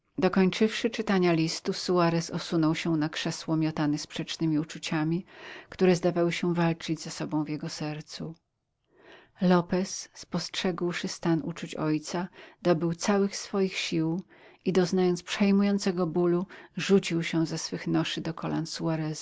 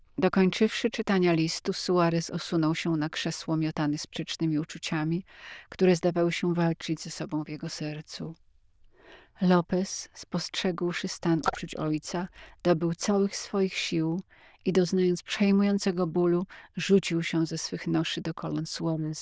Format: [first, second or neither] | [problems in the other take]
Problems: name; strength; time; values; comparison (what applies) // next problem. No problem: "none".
first | noise reduction (neural diffusion model UNIVERSE++)